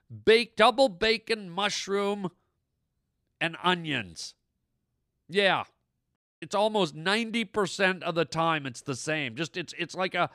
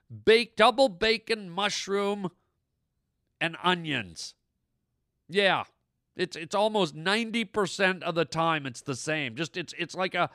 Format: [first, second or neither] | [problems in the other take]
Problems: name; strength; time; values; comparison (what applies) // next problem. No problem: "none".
second | audio cutting out; at 6 s